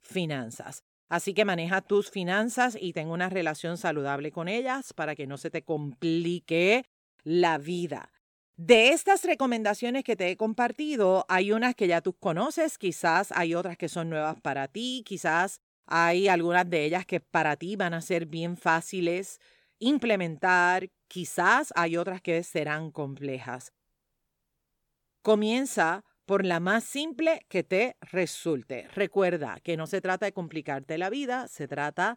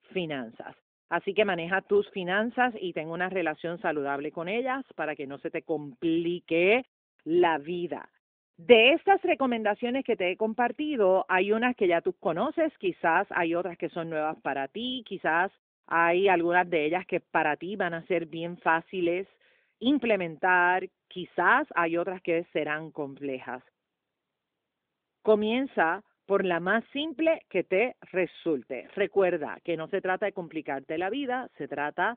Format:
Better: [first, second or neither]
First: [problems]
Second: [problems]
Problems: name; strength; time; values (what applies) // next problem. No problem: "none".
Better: first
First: none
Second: phone-call audio; nothing above 3.5 kHz